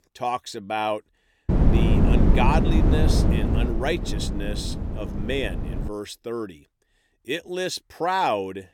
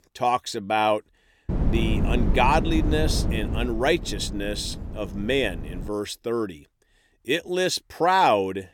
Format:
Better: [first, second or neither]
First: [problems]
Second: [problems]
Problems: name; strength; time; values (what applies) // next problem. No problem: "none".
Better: second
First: wind noise on the microphone; heavy; from 1.5 to 6 s; 4 dB below the speech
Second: wind noise on the microphone; occasional gusts; from 1.5 to 6 s; 15 dB below the speech